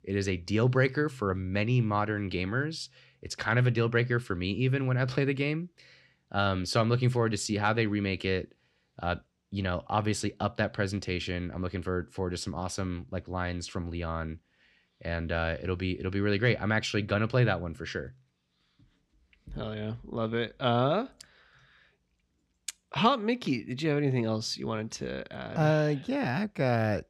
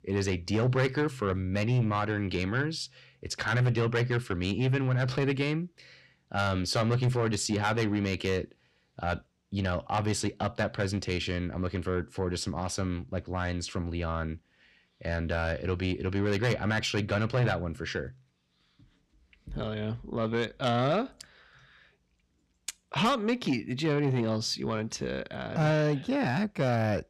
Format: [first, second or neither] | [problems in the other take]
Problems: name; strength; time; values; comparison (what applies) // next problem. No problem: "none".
first | distortion; slight; 10 dB below the speech